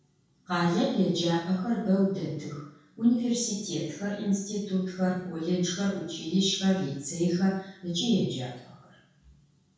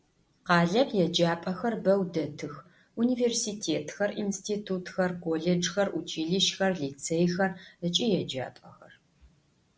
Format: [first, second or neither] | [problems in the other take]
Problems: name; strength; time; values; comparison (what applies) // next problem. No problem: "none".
second | room echo; dies away in 0.6 s